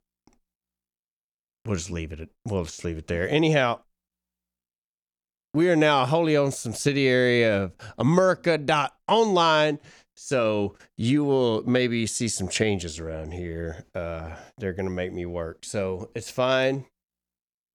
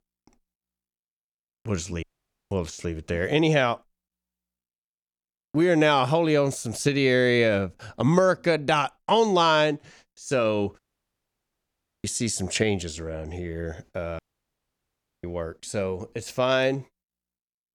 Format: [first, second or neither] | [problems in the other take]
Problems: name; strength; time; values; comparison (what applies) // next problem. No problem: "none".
first | audio cutting out; at 2 s, at 11 s for 1.5 s and at 14 s for 1 s